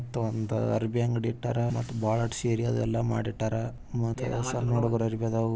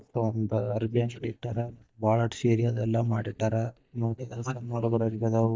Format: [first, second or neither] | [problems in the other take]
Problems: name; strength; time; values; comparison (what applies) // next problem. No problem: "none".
first | noise reduction (neural mask model DeepFilterNet 3)